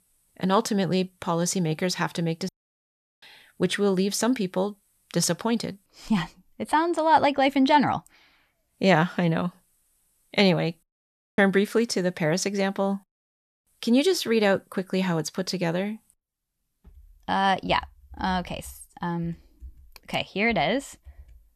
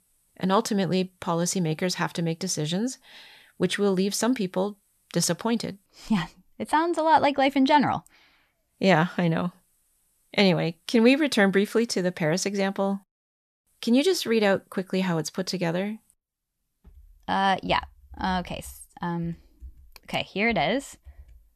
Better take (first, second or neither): second